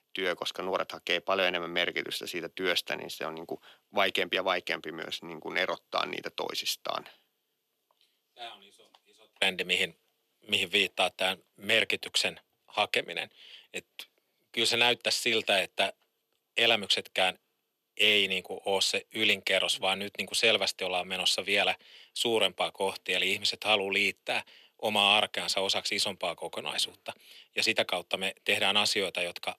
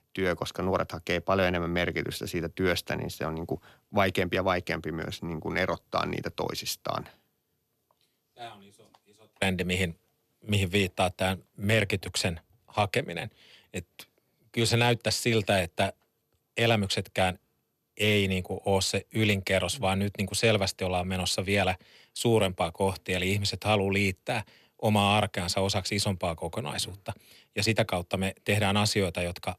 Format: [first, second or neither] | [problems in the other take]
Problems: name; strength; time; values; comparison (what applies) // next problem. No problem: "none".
second | thin; somewhat; fading below 350 Hz